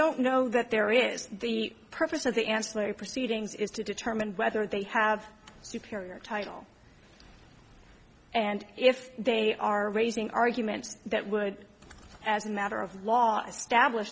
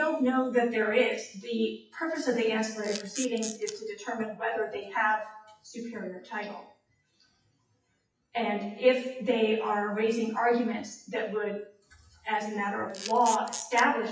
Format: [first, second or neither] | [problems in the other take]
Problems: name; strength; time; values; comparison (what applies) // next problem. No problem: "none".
first | noise reduction (classical method WPE with log-MMSE)